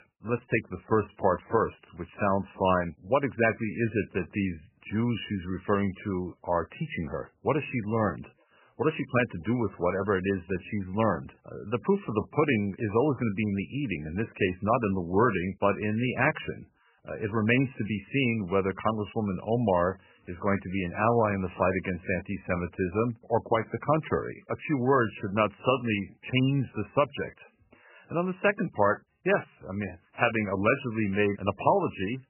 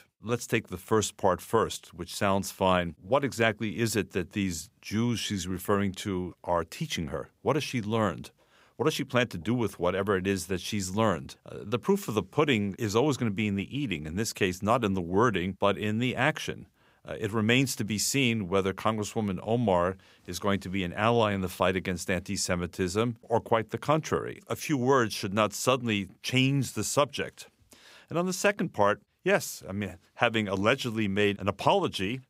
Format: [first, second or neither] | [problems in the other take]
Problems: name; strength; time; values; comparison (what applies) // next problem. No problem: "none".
second | garbled, watery; badly; nothing above 3 kHz